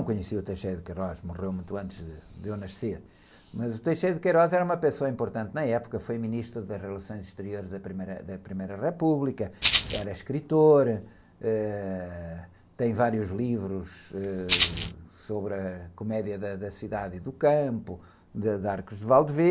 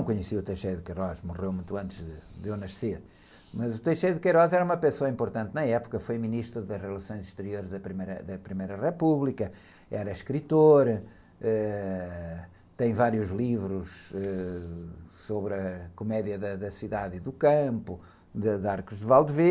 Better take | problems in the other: second | background sound (Rattle (instrument)); 1 dB above the speech

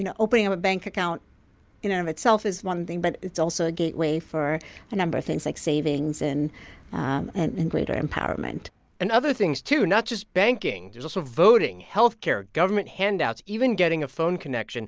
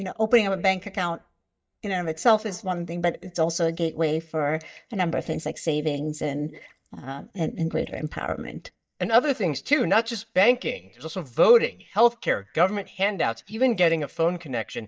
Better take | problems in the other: first | noise reduction (neural mask model DeepFilterNet 3)

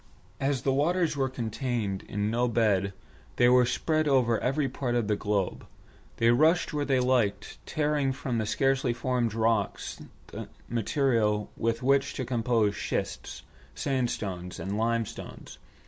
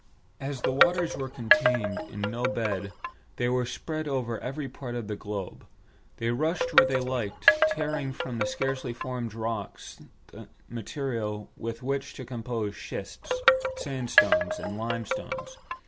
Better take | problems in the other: first | background sound (Wind chime); 4 dB above the speech

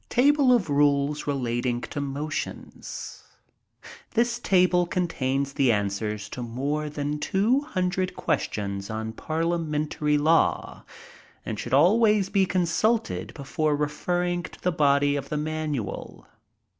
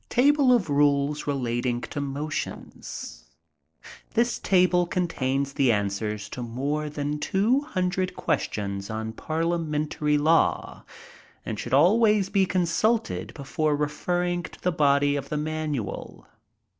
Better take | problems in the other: first | noise reduction (neural separator model SepFormer DNS4)

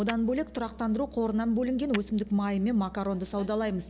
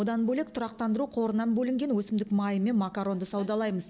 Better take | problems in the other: second | background sound (Musical instrument + Tap / Hammer); 17 dB below the speech

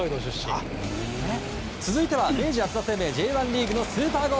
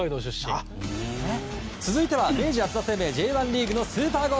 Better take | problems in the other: second | background sound (Waves, surf); 11 dB below the speech

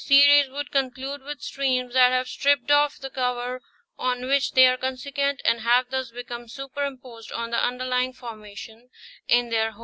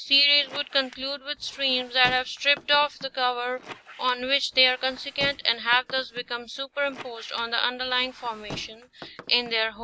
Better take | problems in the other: first | background sound (Squeak); 19 dB below the speech

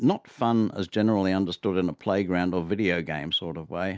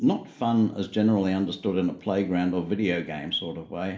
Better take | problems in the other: first | room echo; dies away in 0.5 s

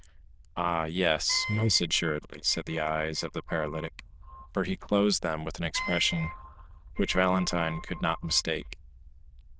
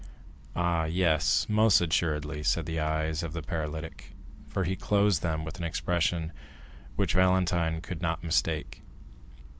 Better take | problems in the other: second | noise reduction (neural diffusion model UNIVERSE++)

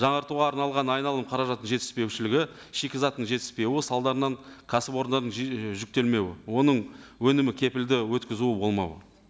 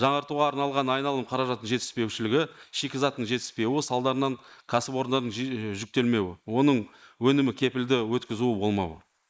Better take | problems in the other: first | noise reduction (neural mask model Resemble Enhance denoiser)

